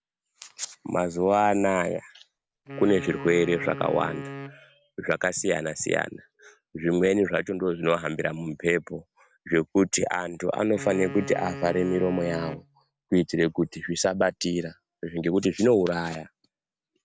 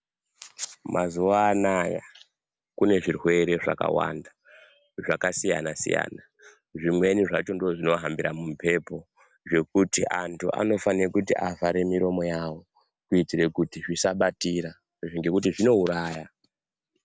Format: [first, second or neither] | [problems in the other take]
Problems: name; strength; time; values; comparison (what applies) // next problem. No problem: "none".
second | background sound (Wind instrument, woodwind instrument); 13 dB below the speech